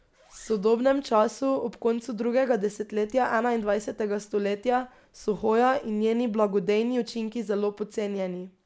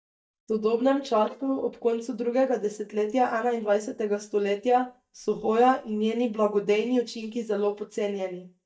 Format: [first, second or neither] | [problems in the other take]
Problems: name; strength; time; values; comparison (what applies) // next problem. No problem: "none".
first | noise reduction (neural mask model DeepFilterNet 3)